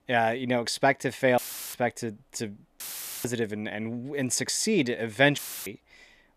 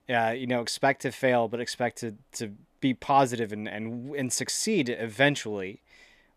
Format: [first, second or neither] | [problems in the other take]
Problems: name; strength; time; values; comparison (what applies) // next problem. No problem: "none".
second | audio cutting out; filled with static; at 1.5 s, at 3 s and at 5.5 s